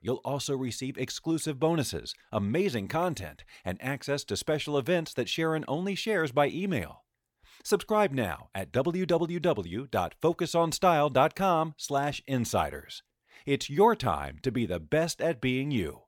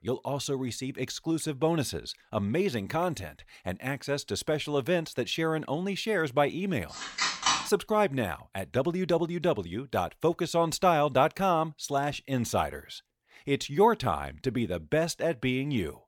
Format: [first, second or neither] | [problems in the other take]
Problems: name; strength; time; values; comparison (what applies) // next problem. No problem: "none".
first | phone ringing; loud; at 7 s; peak 3 dB above the speech